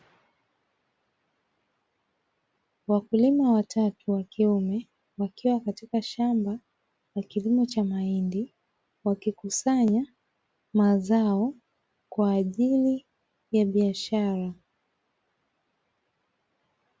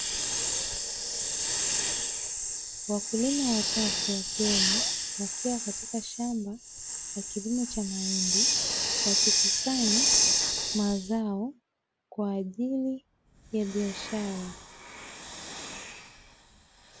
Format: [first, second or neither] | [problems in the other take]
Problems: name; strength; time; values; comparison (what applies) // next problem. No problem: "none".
first | background sound (Hiss); 3 dB above the speech